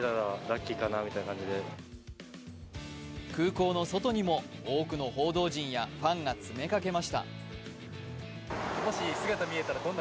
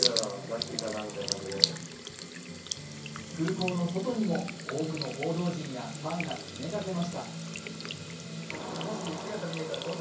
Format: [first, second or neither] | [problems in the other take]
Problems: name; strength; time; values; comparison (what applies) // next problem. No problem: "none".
first | background sound (Sink (filling or washing) / Water tap, faucet); 3 dB below the speech // room echo; dies away in 0.6 s